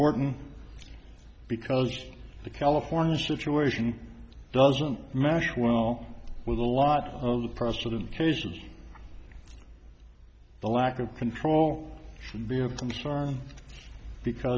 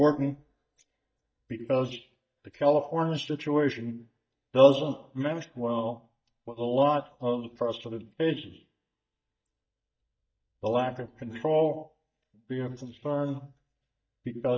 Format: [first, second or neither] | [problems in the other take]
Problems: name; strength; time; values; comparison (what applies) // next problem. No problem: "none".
first | noise reduction (neural mask model DeepFilterNet 3)